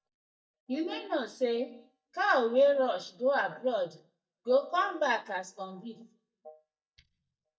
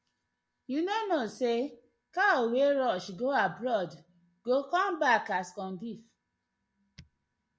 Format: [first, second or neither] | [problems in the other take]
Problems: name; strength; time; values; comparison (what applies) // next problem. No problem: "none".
second | noise reduction (neural mask model DeepFilterNet 3)